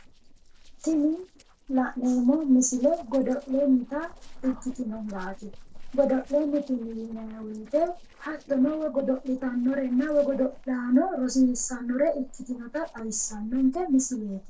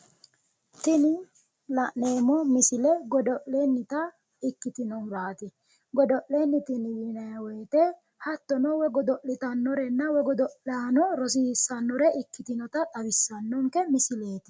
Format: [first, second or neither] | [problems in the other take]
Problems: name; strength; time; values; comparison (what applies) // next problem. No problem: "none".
second | noise reduction (neural separator model SepFormer DNS4)